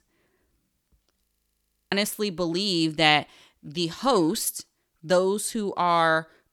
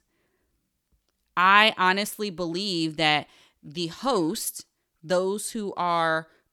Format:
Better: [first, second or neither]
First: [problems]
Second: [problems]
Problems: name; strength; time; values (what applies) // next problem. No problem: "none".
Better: second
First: audio freezing; at 1.5 s for 0.5 s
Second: none